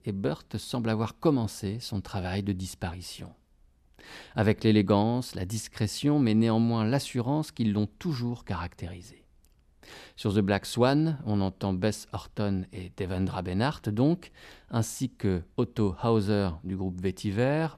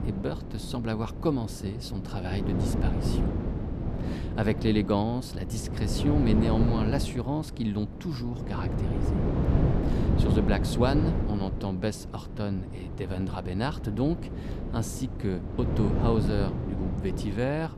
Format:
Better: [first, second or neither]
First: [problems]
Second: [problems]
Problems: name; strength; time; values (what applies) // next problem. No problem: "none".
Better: first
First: none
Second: wind noise on the microphone; heavy; 4 dB below the speech